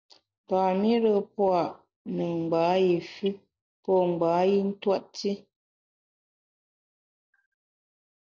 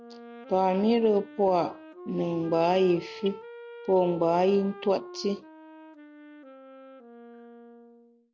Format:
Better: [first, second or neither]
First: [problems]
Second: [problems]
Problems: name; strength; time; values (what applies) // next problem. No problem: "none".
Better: first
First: none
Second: background sound (Wind instrument, woodwind instrument); 17 dB below the speech